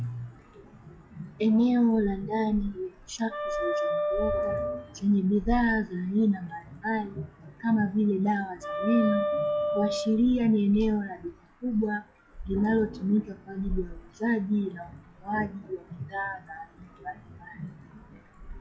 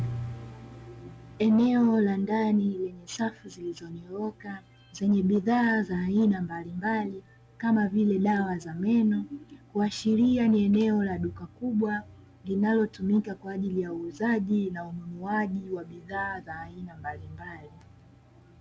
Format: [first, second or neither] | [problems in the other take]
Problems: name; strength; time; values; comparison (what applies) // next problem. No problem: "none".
second | noise reduction (classical method log-MMSE)